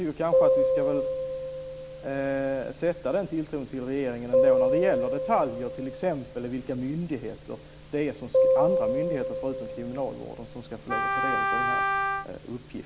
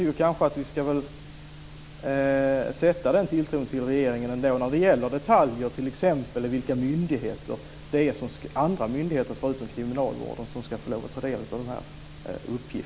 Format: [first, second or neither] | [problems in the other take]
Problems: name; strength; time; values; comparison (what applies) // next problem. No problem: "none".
second | background sound (Piano + Wind instrument, woodwind instrument); 3 dB above the speech